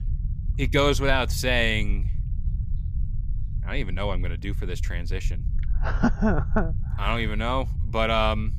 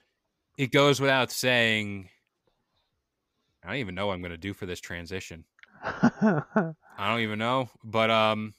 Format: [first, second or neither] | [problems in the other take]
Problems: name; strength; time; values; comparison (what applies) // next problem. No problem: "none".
second | low rumble; faint; throughout; 20 dB below the speech